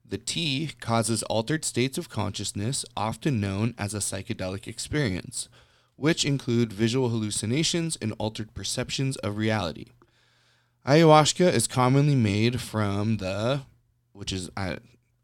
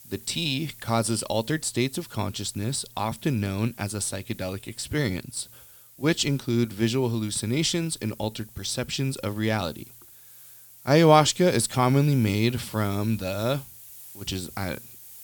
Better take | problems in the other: first | hiss; noticeable; throughout; 20 dB below the speech

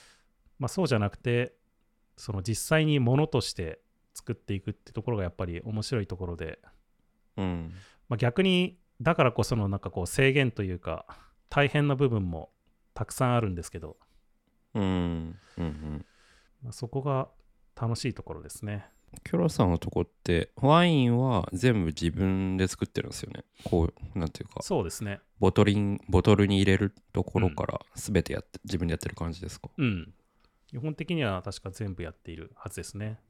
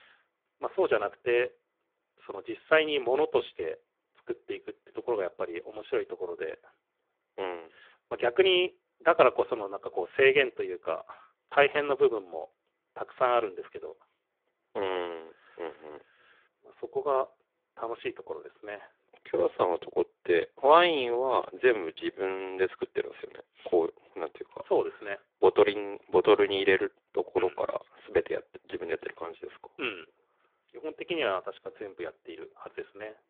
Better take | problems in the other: first | phone-call audio; poor line

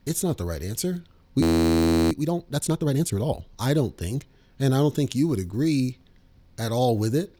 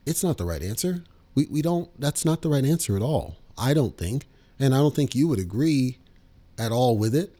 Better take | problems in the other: second | audio freezing; at 1.5 s for 0.5 s

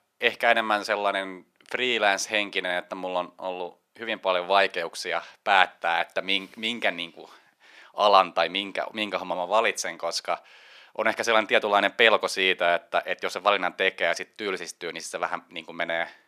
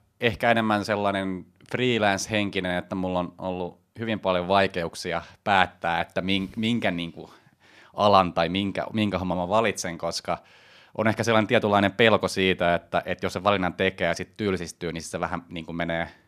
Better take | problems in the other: second | thin; somewhat; fading below 450 Hz

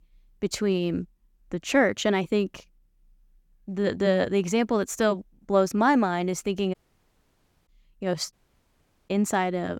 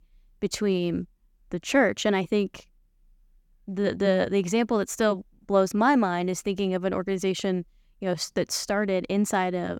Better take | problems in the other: second | audio cutting out; at 6.5 s for 1 s and at 8.5 s for 1 s

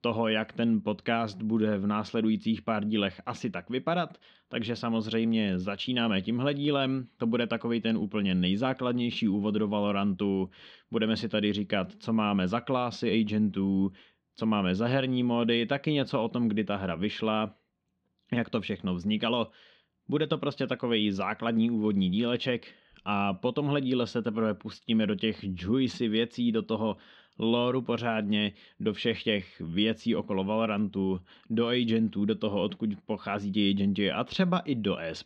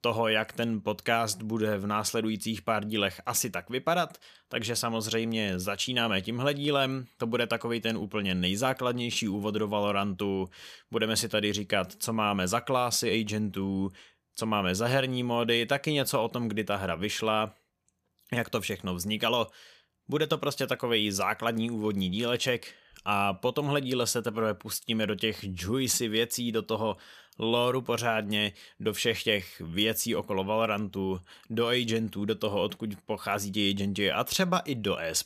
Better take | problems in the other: second | muffled; slightly; fading above 3.5 kHz

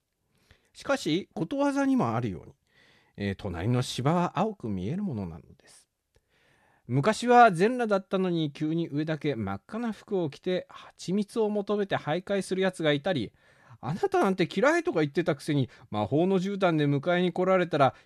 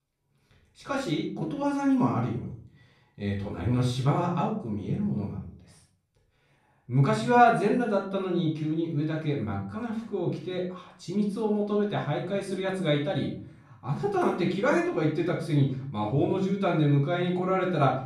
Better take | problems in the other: first | off-mic speech; far // room echo; noticeable; dies away in 0.5 s

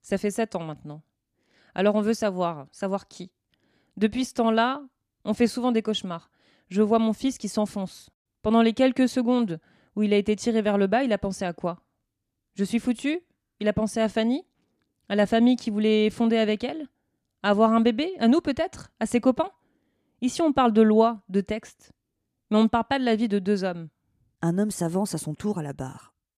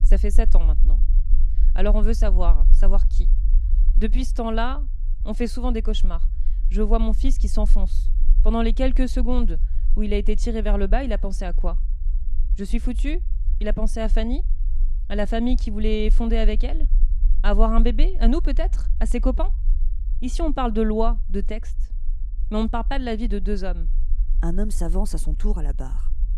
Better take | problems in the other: first | low rumble; faint; throughout; 20 dB below the speech

